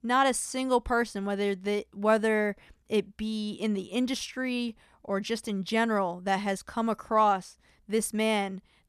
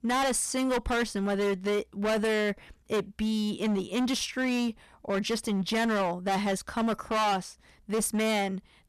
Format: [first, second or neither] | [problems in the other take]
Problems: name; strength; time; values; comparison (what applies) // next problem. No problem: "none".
first | distortion; heavy; 20% of the sound clipped